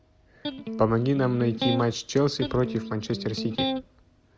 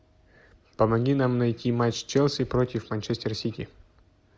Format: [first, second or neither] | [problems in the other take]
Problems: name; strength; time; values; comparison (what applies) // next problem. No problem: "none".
second | background sound (Electric guitar); 6 dB below the speech